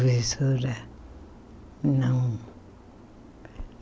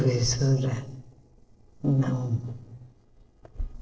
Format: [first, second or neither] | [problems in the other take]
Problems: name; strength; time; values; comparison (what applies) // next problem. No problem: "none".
first | noise reduction (neural separator model SepFormer DNS4)